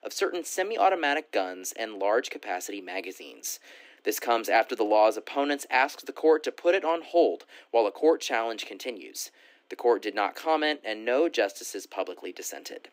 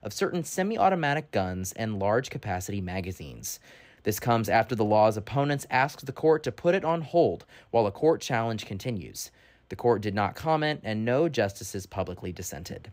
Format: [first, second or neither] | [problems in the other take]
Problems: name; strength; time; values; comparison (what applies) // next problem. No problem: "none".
second | thin; somewhat; fading below 300 Hz